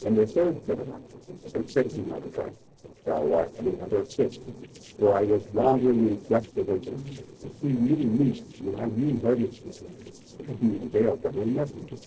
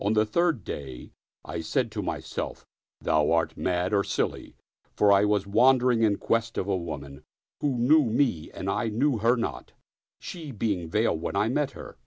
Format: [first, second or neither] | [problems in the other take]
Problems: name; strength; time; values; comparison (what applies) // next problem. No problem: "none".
second | noise reduction (neural separator model SepFormer DNS4)